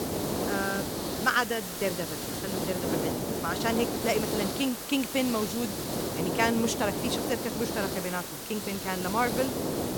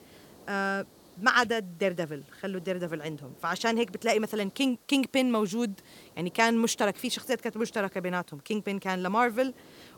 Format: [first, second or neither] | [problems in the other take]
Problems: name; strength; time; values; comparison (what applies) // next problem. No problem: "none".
second | hiss; loud; throughout; 1 dB below the speech; faint in the second